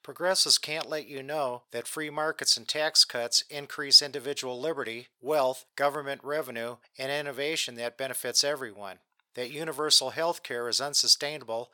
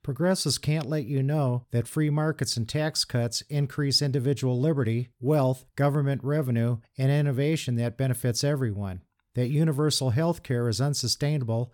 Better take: second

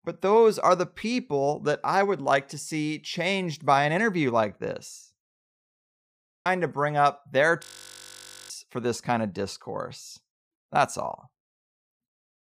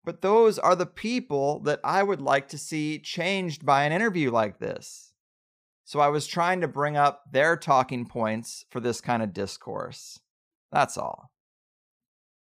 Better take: second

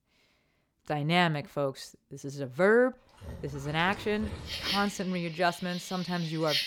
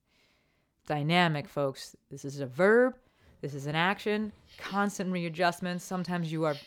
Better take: second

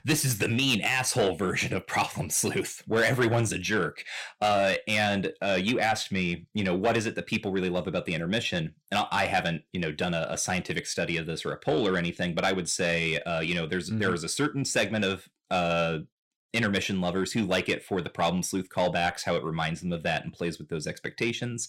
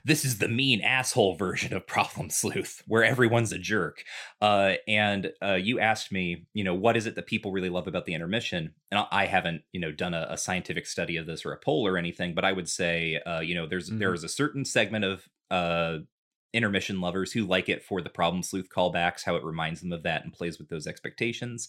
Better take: second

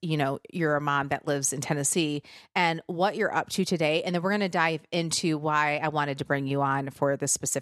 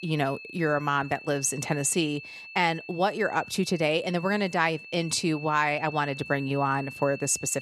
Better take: first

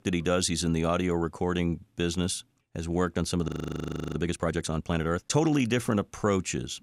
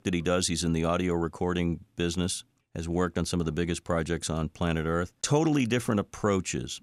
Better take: second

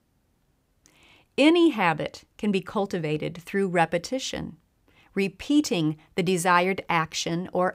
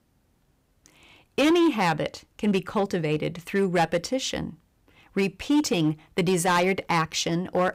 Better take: first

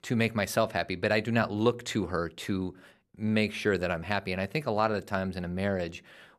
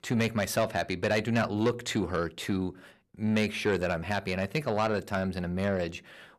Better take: first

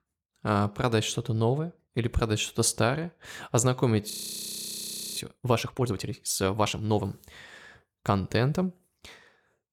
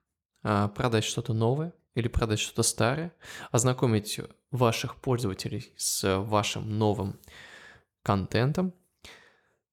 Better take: second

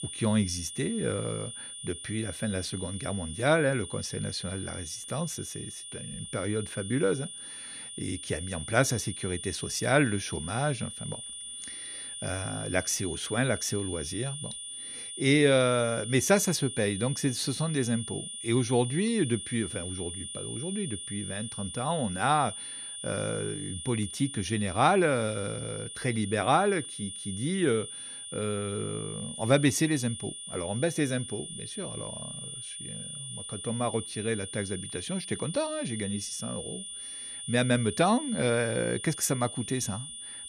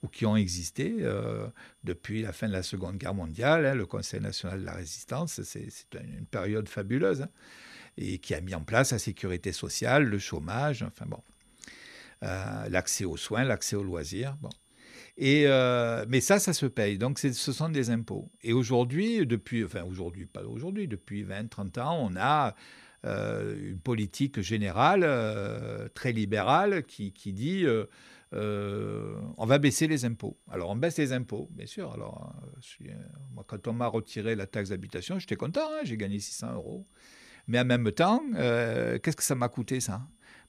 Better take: second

